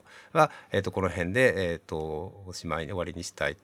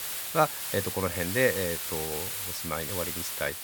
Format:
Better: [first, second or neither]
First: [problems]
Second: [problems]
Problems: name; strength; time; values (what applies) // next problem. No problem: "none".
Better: first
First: none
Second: hiss; loud; throughout; 2 dB below the speech